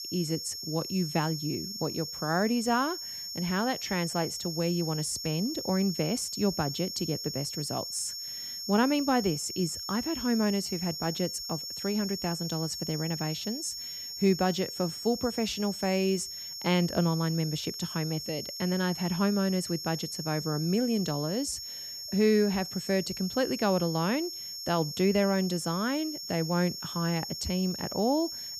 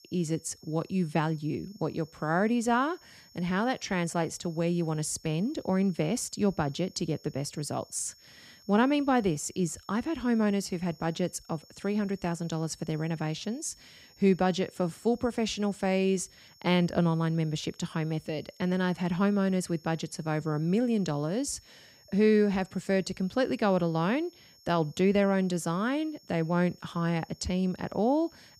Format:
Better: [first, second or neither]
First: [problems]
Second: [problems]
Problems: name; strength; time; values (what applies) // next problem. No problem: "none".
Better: second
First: high-pitched whine; loud; throughout; 5.5 kHz, 6 dB below the speech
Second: high-pitched whine; faint; throughout; 5.5 kHz, 25 dB below the speech